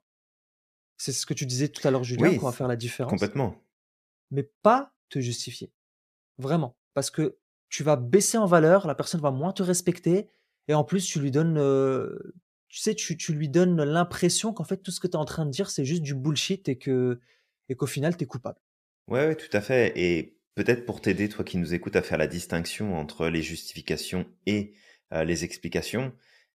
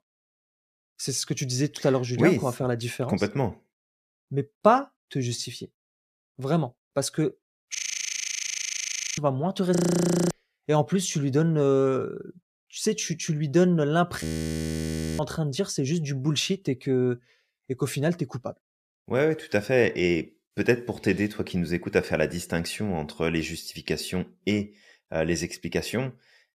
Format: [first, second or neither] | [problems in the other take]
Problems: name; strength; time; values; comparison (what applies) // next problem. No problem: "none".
first | audio freezing; at 8 s for 1.5 s, at 10 s for 0.5 s and at 14 s for 1 s